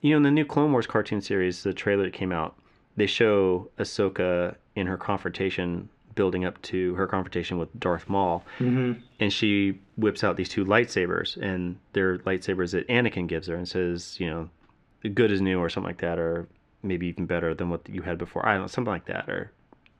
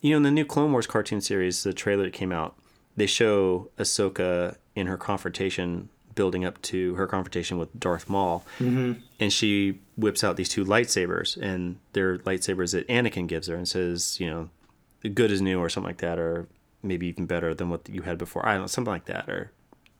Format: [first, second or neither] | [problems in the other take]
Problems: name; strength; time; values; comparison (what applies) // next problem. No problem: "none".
second | muffled; slightly; fading above 2.5 kHz